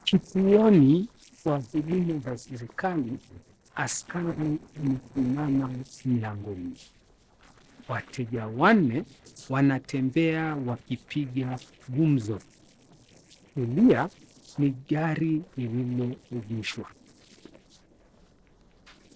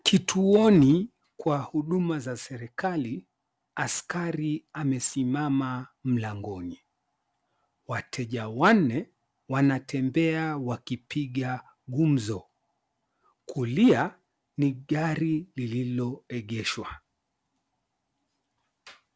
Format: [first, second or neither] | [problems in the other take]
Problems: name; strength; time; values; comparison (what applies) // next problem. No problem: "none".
second | noise reduction (neural separator model SepFormer DNS4)